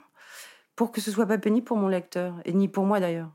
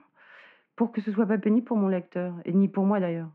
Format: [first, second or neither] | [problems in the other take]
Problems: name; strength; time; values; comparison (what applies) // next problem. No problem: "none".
first | muffled; very; fading above 2.5 kHz